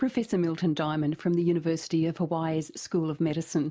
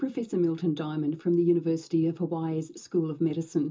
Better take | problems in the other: first | room echo; dies away in 0.2 s

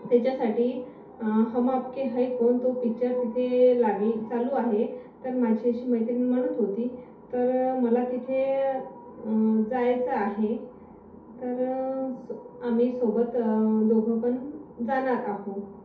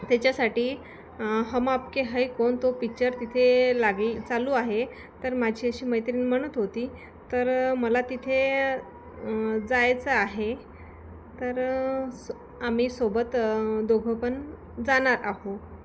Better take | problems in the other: second | room echo; dies away in 0.5 s

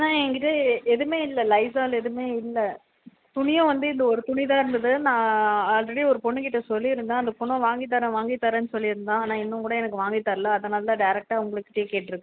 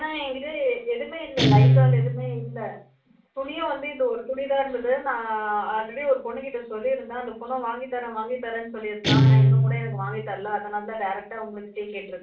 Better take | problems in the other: first | background sound (Guitar); 3 dB above the speech // room echo; dies away in 0.3 s

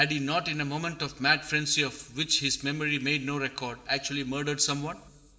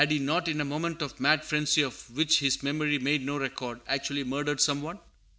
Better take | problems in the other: second | room echo; dies away in 1 s

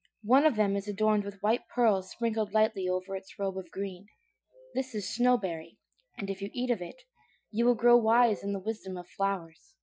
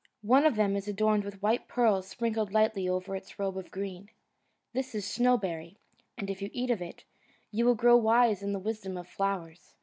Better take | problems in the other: second | noise reduction (classical method Wiener filter)

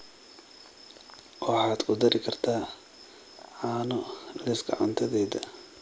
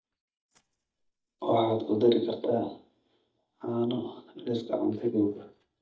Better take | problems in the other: first | noise reduction (neural mask model DeepFilterNet 3)

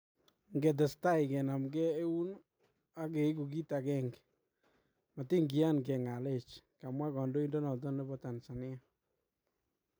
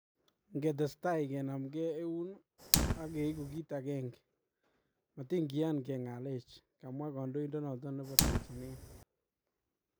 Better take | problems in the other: first | background sound (Fire); 2 dB below the speech

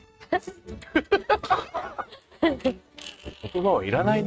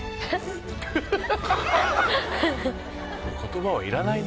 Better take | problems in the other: second | noise reduction (neural mask model RNNoise)

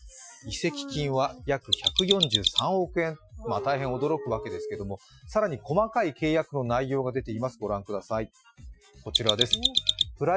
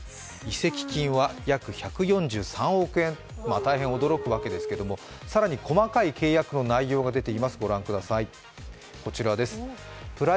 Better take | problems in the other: second | noise reduction (classical method Wiener filter)

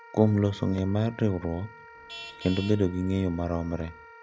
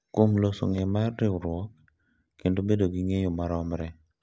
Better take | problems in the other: second | background sound (Traffic noise, roadway noise / Vehicle horn, car horn, honking + Wind instrument, woodwind instrument); 19 dB below the speech

